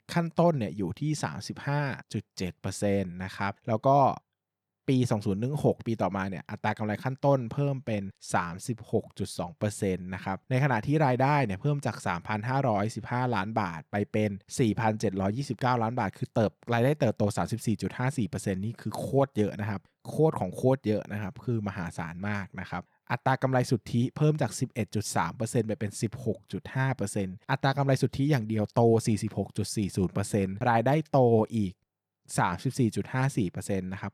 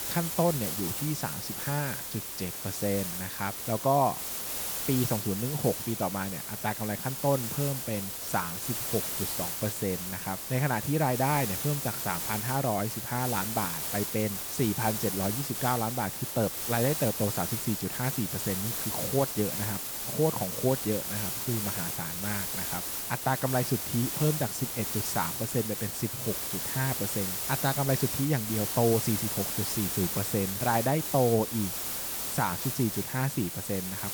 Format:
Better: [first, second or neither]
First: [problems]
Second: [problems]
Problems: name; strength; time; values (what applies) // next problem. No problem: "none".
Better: first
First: none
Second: hiss; loud; throughout; 1 dB below the speech